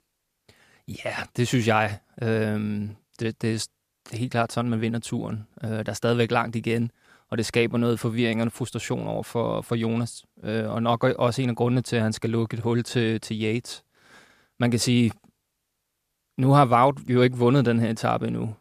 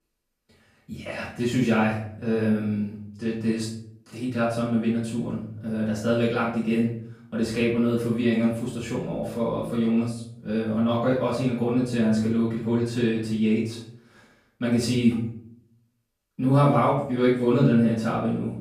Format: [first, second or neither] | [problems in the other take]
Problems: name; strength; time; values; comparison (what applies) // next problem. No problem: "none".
first | off-mic speech; far // room echo; noticeable; dies away in 0.6 s